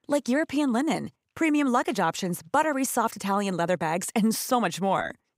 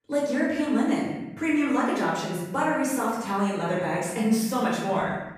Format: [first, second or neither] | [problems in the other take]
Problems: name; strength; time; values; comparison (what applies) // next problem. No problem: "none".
first | off-mic speech; far // room echo; noticeable; dies away in 1 s